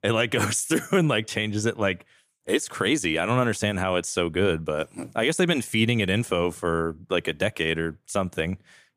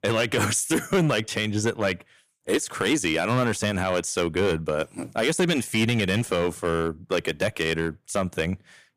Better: first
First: none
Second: distortion; slight; 6% of the sound clipped

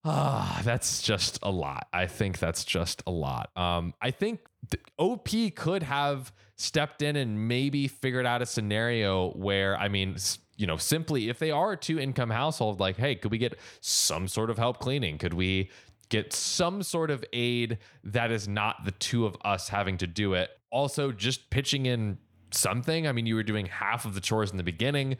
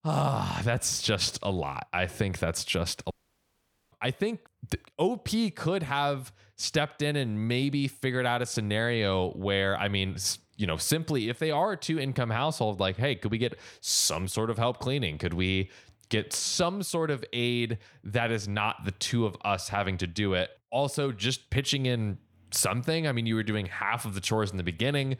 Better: first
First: none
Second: audio cutting out; at 3 s for 1 s

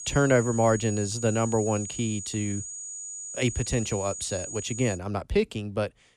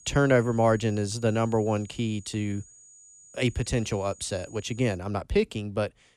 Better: second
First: high-pitched whine; loud; until 5 s; 7 kHz, 8 dB below the speech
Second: high-pitched whine; faint; until 5 s; 7 kHz, 25 dB below the speech

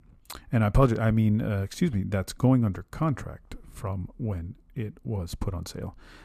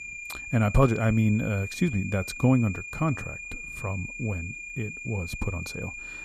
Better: first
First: none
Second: high-pitched whine; loud; throughout; 2.5 kHz, 9 dB below the speech

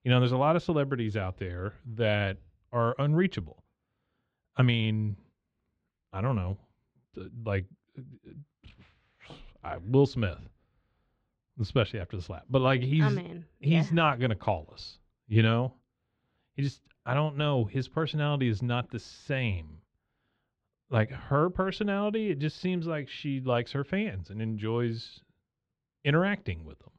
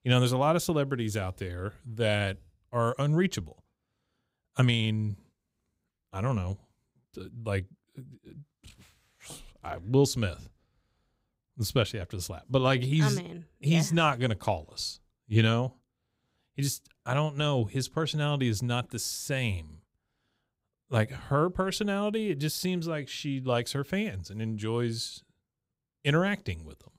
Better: second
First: muffled; slightly; fading above 3 kHz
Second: none

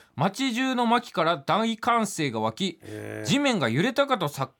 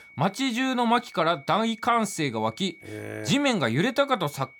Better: first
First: none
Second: high-pitched whine; faint; throughout; 2 kHz, 25 dB below the speech

